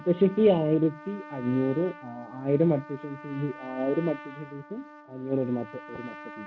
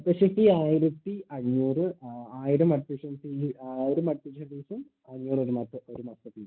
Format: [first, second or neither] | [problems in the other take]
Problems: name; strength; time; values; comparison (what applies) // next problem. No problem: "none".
second | background sound (Trumpet); 17 dB below the speech